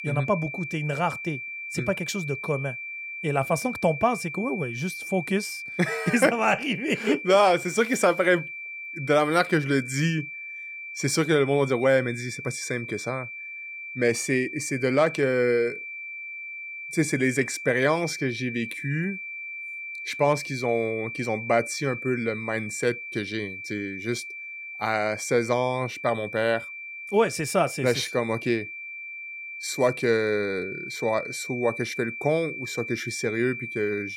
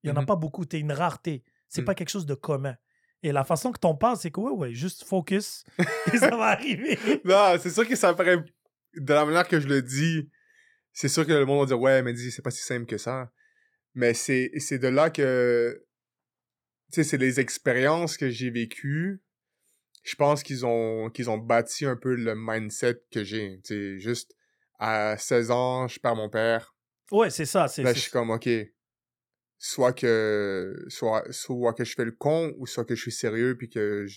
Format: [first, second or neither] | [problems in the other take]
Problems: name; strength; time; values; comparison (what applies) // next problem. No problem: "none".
second | high-pitched whine; loud; throughout; 2.5 kHz, 8 dB below the speech